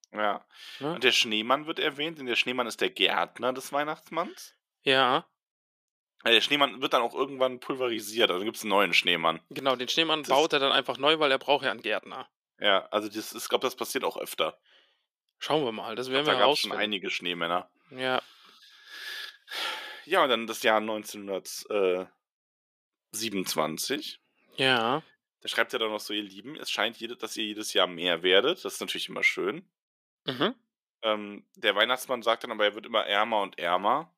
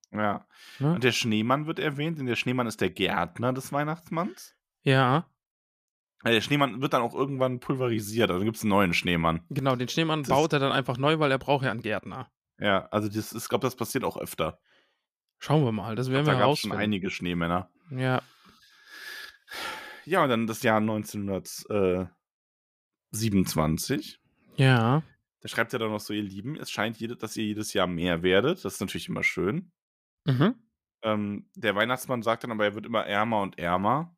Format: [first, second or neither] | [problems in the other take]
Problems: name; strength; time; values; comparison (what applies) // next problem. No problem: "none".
second | thin; somewhat; fading below 400 Hz